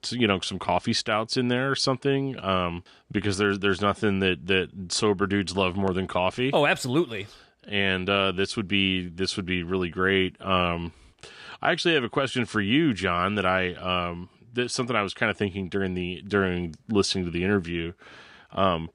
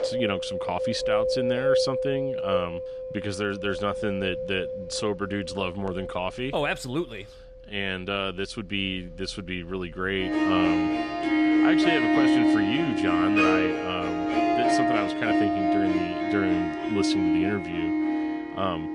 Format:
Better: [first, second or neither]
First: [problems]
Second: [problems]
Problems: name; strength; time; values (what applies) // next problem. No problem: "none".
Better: first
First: none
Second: background music; very loud; throughout; 5 dB above the speech